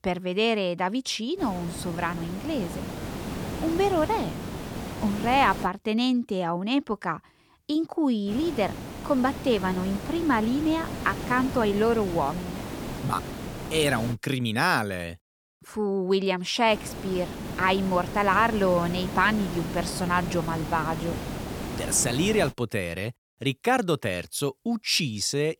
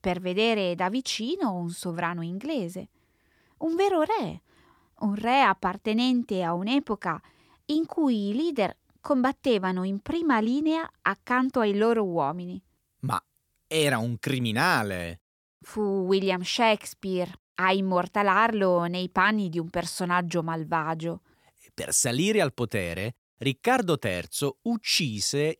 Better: second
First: hiss; loud; from 1.5 to 5.5 s, from 8.5 to 14 s and from 17 to 23 s; 9 dB below the speech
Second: none

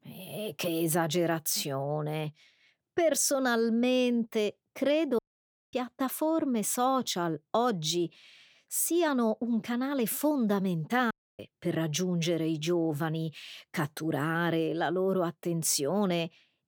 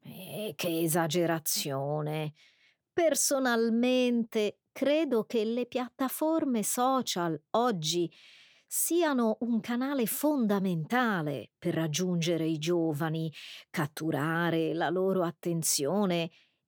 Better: second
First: audio cutting out; at 5 s for 0.5 s and at 11 s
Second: none

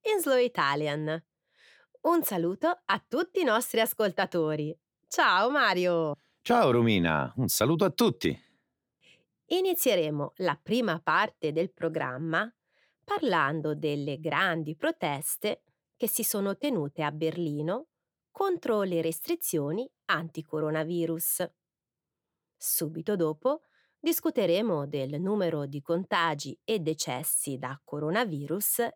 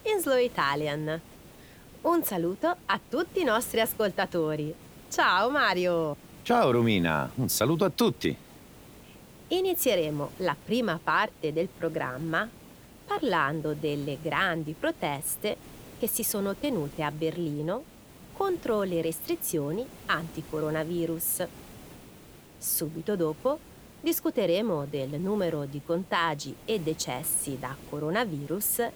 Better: first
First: none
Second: hiss; faint; throughout; 20 dB below the speech

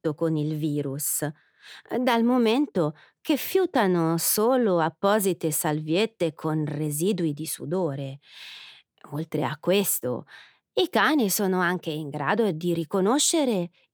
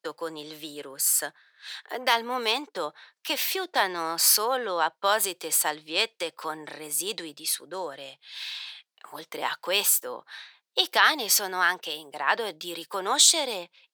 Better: first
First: none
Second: thin; very; fading below 900 Hz

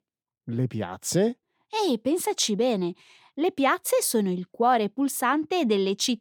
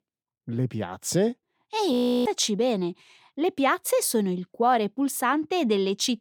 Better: first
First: none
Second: audio freezing; at 2 s

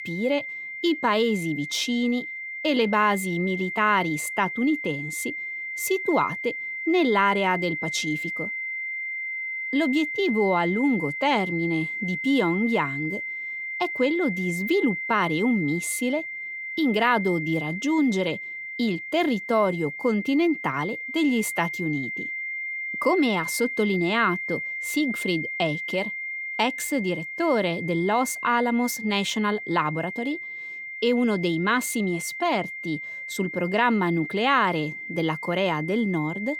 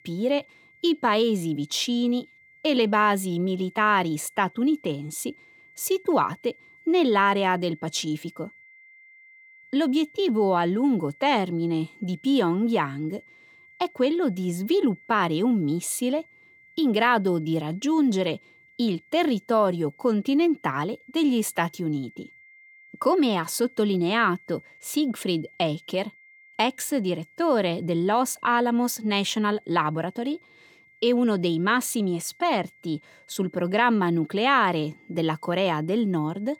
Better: second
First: high-pitched whine; loud; throughout; 2 kHz, 6 dB below the speech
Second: high-pitched whine; faint; throughout; 2 kHz, 25 dB below the speech

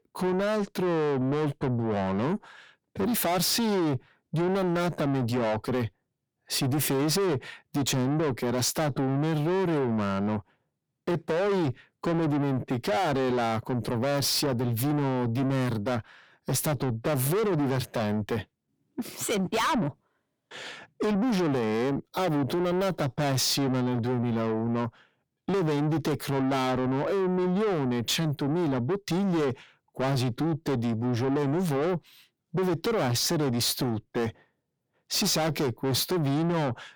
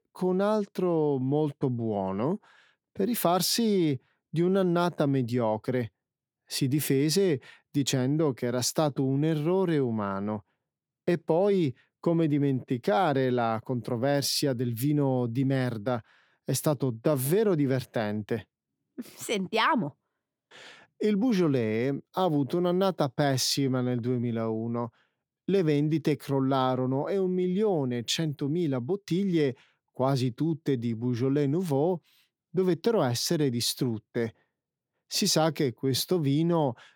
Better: second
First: distortion; heavy; 6 dB below the speech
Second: none

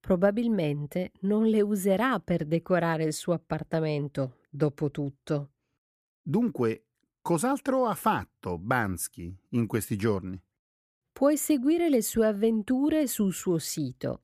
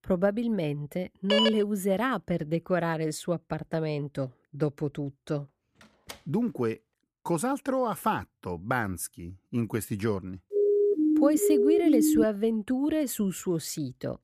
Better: first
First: none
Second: phone ringing; loud; at 1.5 s; peak 4 dB above the speech // door banging; faint; at 6 s; peak 15 dB below the speech // siren; loud; from 11 to 12 s; peak 6 dB above the speech

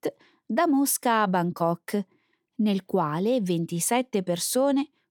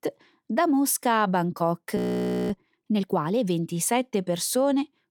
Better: first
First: none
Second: audio freezing; at 2 s for 0.5 s

